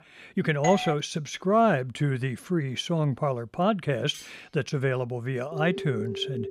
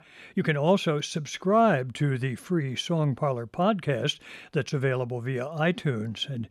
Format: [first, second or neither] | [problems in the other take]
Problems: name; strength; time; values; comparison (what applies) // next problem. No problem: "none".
second | doorbell; noticeable; at 0.5 s; peak 4 dB below the speech // clattering dishes; faint; at 4 s; peak 15 dB below the speech // phone ringing; noticeable; at 5.5 s; peak 7 dB below the speech